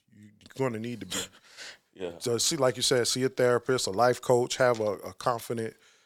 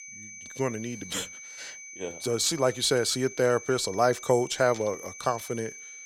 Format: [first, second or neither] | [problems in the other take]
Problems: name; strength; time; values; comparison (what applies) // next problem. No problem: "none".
first | high-pitched whine; noticeable; throughout; 6 kHz, 15 dB below the speech